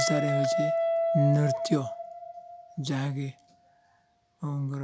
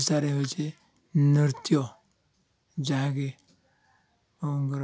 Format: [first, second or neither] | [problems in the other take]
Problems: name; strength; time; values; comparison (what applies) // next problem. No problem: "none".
second | background sound (Guitar); 1 dB below the speech